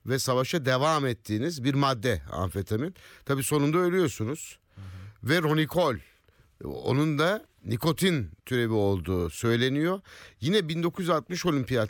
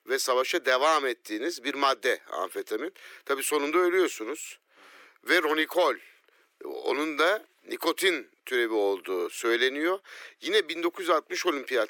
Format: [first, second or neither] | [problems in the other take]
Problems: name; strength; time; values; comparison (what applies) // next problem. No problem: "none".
first | thin; very; fading below 350 Hz